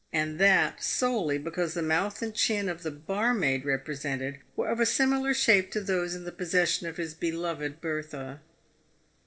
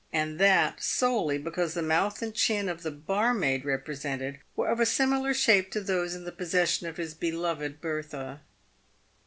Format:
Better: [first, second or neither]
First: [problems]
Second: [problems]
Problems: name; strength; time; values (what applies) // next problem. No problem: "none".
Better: second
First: noise reduction (neural separator model SepFormer DNS4)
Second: none